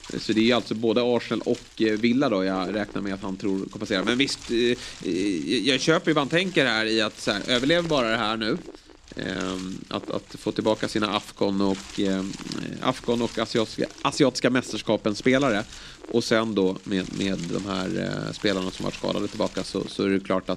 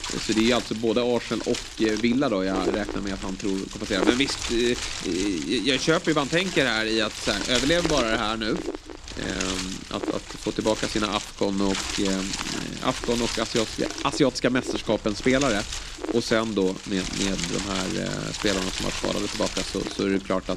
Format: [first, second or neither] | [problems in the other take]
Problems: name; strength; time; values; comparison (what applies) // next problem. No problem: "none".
first | wind noise on the microphone; heavy; 5 dB below the speech; occasional gusts in the first